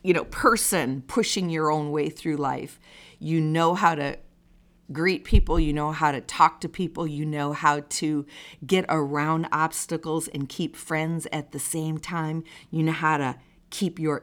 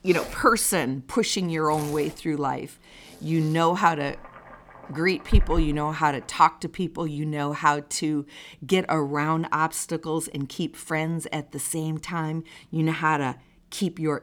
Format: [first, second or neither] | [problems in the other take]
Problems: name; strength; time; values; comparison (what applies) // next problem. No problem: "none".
first | household noises; noticeable; until 6.5 s; 20 dB below the speech